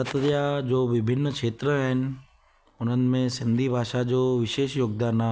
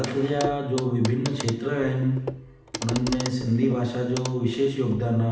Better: first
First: none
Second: background sound (Clock); 12 dB below the speech // room echo; dies away in 0.8 s

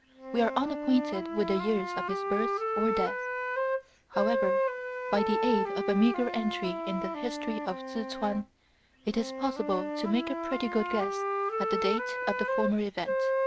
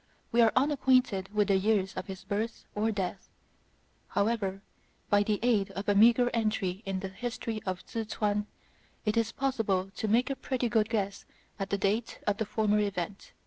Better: second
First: background sound (Wind instrument, woodwind instrument); 1 dB below the speech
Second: none

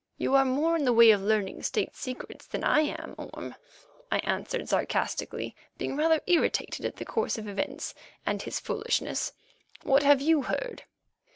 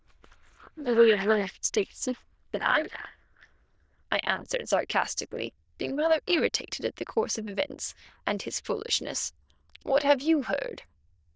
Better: first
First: none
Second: noise reduction (neural diffusion model UNIVERSE++)

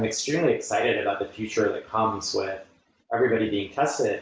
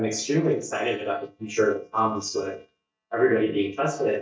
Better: first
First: none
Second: noise reduction (neural mask model DeepFilterNet 3)

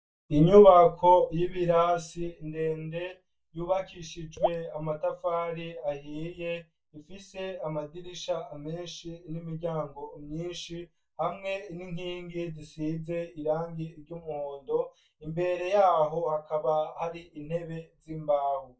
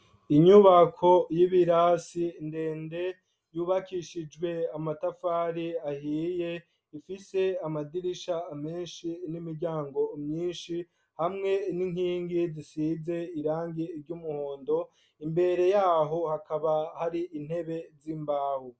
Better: second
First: noise reduction (neural mask model DeepFilterNet 3)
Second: none

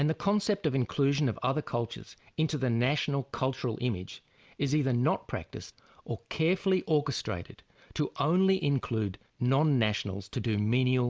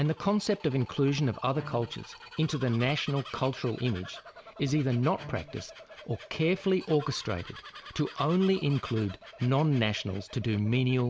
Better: first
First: none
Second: background sound (Bowed string instrument + Bird vocalization, bird call, bird song); 18 dB below the speech

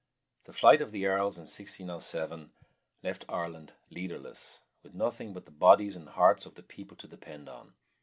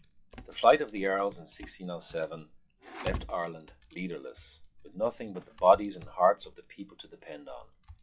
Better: first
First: none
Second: noise reduction (classical method log-MMSE)

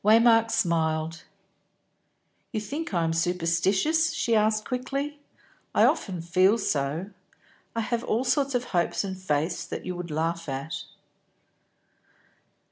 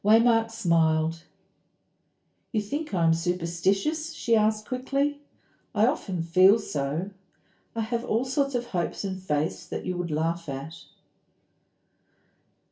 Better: first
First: none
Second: room echo; dies away in 0.2 s

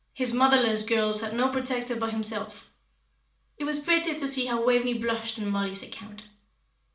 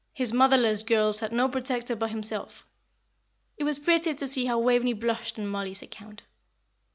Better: second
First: room echo; dies away in 0.4 s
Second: none

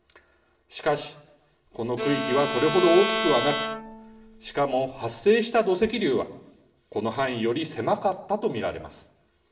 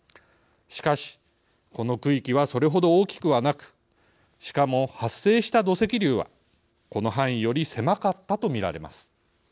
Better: second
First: background sound (Bowed string instrument); 4 dB below the speech // room echo; dies away in 0.6 s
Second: none

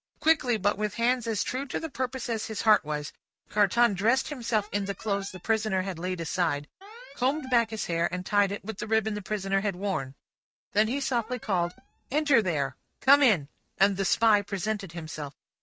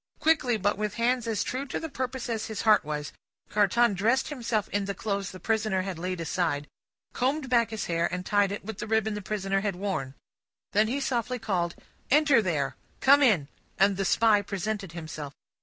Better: second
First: noise reduction (neural mask model RNNoise)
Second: none

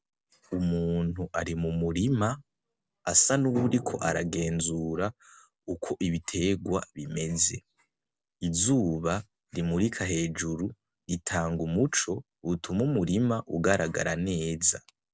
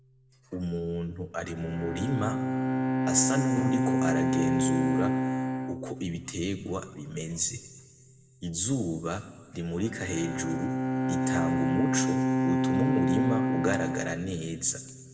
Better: first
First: none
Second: background sound (Bowed string instrument); 3 dB above the speech // room echo; dies away in 1.3 s

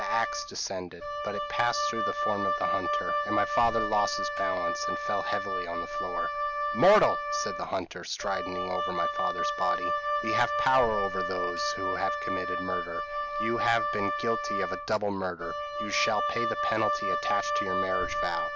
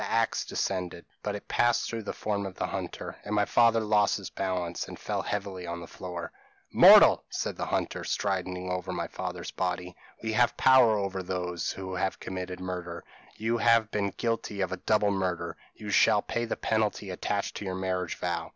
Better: second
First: background sound (Wind instrument, woodwind instrument); as loud as the speech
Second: none

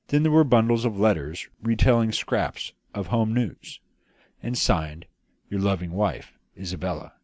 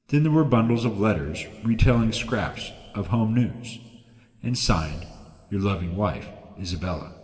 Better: first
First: none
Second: room echo; dies away in 1.6 s

